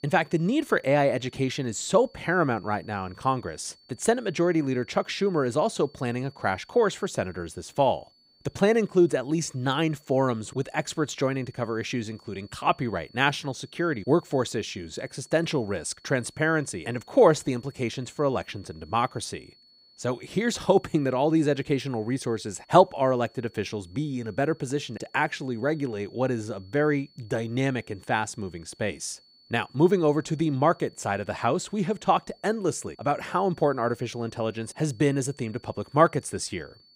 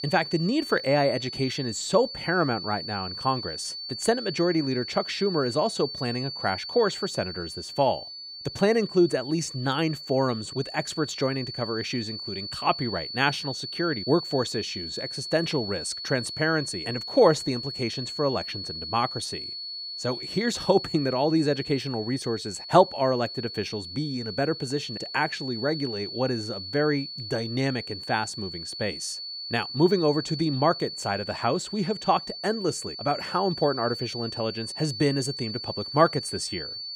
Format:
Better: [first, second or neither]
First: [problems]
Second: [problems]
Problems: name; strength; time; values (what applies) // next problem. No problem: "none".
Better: first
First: high-pitched whine; faint; throughout; 4.5 kHz, 30 dB below the speech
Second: high-pitched whine; loud; throughout; 4.5 kHz, 7 dB below the speech